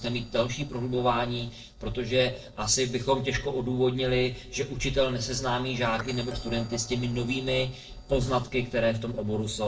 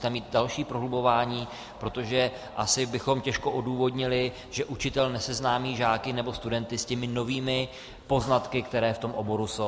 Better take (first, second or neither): second